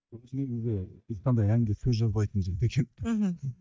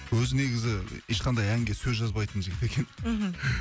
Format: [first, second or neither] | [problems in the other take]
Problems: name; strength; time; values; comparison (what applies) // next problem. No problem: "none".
second | noise reduction (neural mask model DeepFilterNet 3)